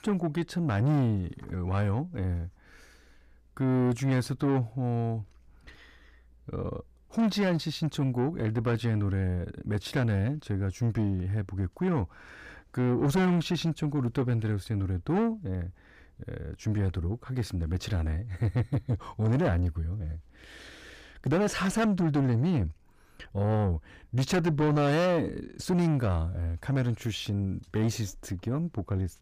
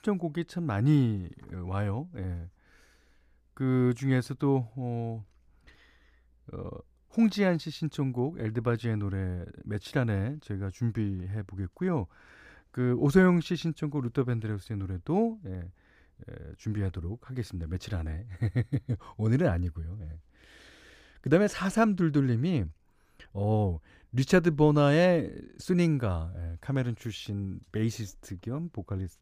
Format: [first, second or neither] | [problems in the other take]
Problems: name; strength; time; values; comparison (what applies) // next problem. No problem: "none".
second | distortion; heavy; 7 dB below the speech